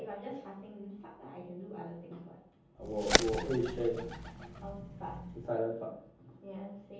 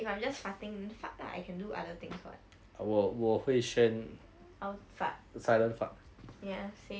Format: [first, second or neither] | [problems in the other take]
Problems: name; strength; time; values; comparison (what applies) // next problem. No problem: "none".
second | background sound (Bird); 3 dB above the speech // room echo; dies away in 0.7 s